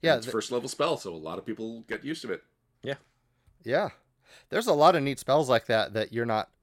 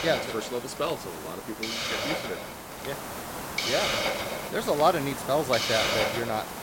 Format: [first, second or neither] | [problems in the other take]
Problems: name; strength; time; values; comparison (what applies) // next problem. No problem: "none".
first | hiss; loud; throughout; 1 dB below the speech